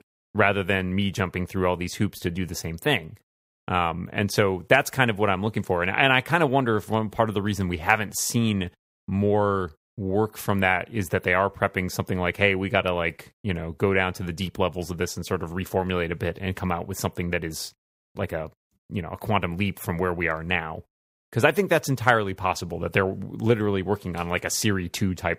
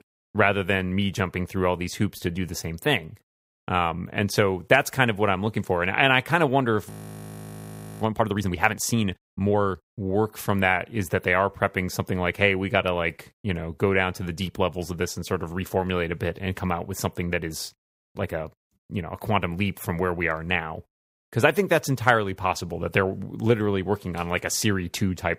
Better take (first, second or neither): first